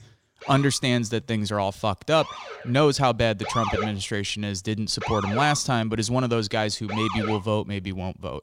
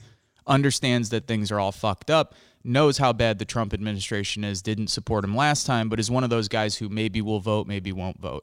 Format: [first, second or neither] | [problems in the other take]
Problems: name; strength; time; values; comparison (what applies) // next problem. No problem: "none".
second | siren; noticeable; until 7.5 s; peak 2 dB below the speech